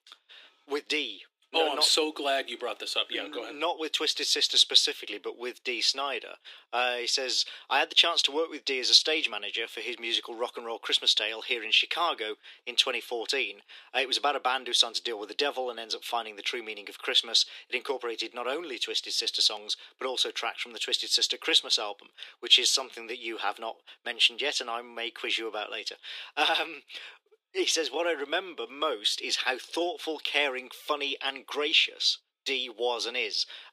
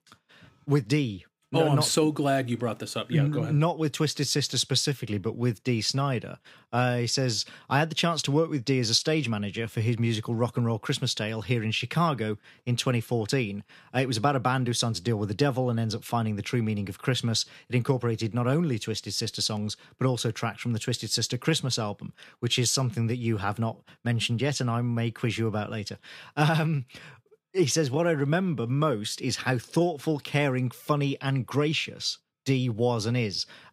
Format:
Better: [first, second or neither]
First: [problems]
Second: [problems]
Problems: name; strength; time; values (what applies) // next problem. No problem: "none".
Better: second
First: thin; very; fading below 350 Hz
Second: none